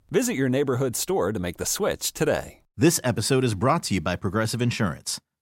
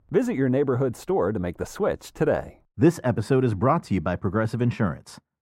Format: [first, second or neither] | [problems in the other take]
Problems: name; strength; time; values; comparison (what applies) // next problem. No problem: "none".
first | muffled; very; fading above 2.5 kHz